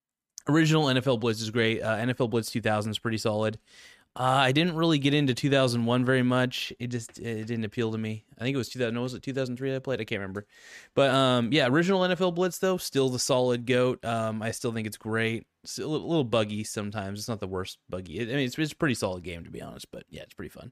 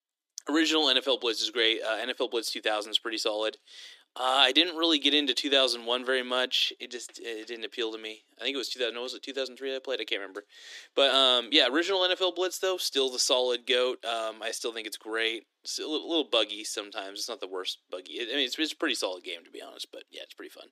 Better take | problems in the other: first | thin; somewhat; fading below 300 Hz

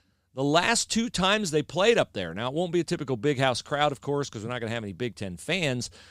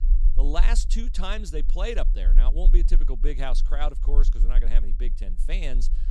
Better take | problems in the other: first | low rumble; noticeable; throughout; 15 dB below the speech

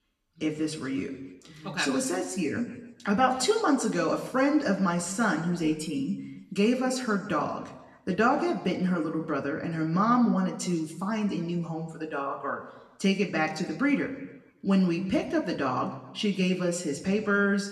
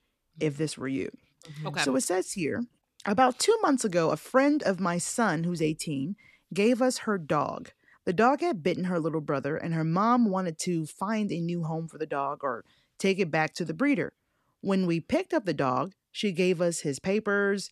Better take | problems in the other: second | room echo; slight; dies away in 0.9 s // off-mic speech; somewhat distant

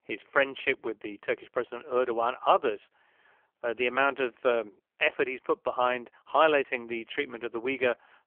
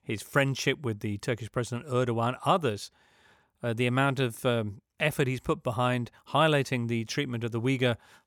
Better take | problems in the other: second | phone-call audio; poor line; nothing above 3 kHz

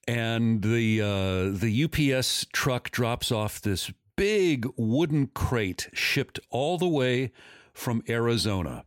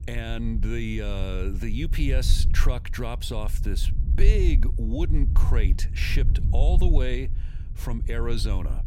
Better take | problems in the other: first | low rumble; noticeable; throughout; 10 dB below the speech

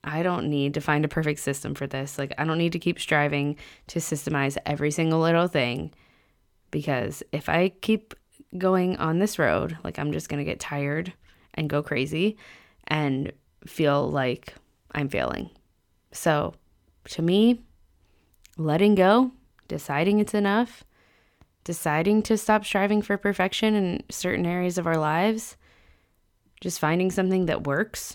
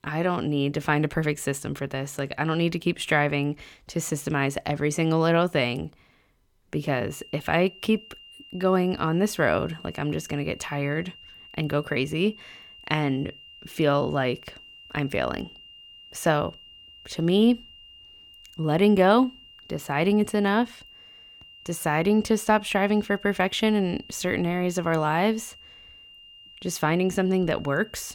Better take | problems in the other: first | high-pitched whine; faint; from 7 s on; 3 kHz, 20 dB below the speech

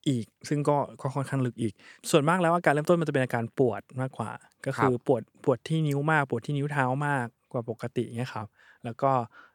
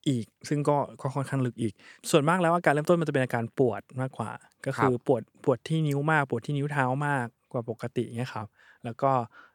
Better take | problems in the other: neither | none

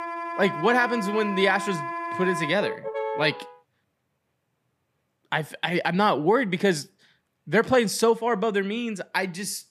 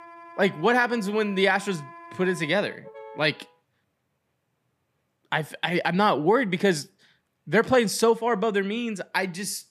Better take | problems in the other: second | background music; loud; until 3 s; 7 dB below the speech; faint in the second

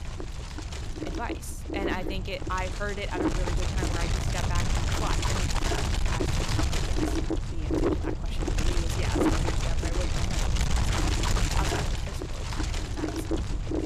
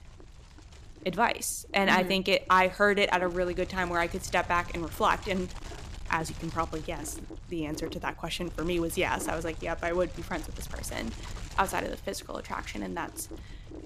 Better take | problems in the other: second | wind noise on the microphone; heavy; 5 dB above the speech; occasional gusts in the second

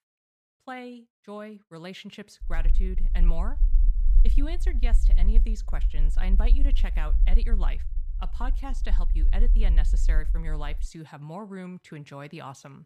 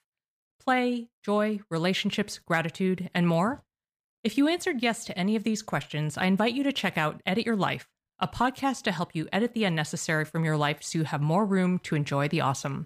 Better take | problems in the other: second | low rumble; noticeable; from 2.5 to 11 s; 10 dB below the speech

